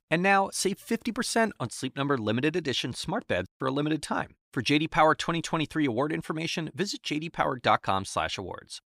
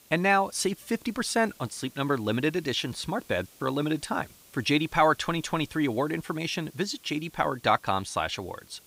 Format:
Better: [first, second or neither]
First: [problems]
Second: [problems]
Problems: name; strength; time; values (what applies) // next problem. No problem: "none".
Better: first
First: none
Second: hiss; faint; throughout; 25 dB below the speech